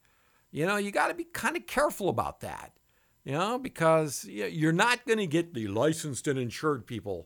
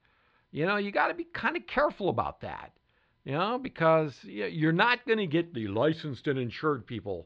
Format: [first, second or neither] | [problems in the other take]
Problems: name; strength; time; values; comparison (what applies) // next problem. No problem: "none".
first | muffled; slightly; fading above 4 kHz